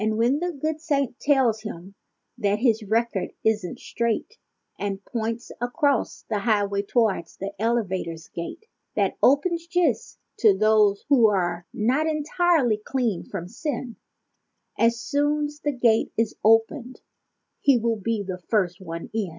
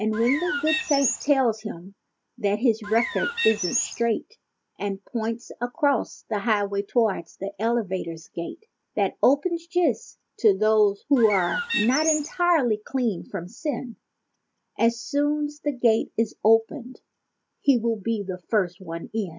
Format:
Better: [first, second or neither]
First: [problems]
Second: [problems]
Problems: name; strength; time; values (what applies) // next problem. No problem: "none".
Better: first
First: none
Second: background sound (Bird); 4 dB below the speech